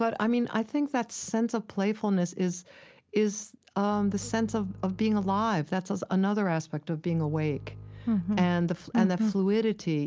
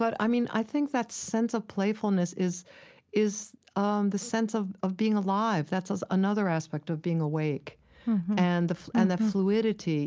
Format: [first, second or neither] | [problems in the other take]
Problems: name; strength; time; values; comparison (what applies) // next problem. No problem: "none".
second | background sound (Bowed string instrument); 17 dB below the speech